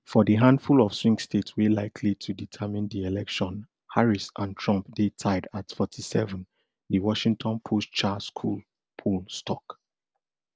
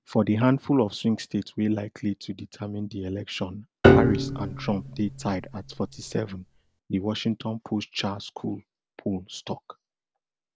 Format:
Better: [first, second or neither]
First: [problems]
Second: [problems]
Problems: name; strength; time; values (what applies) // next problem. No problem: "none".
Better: first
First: none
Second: background sound (Piano); 4 dB above the speech